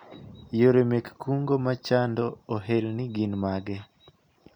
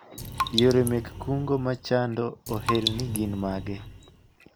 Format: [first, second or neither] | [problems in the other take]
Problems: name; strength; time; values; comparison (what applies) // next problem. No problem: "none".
first | background sound (Raindrop); 6 dB below the speech